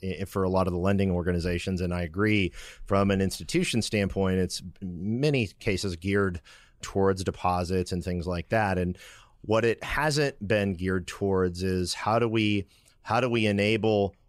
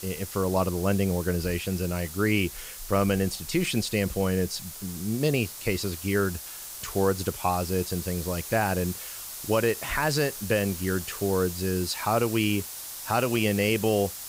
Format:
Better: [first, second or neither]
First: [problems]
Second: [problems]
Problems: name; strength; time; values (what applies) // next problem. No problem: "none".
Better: first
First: none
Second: hiss; loud; throughout; 9 dB below the speech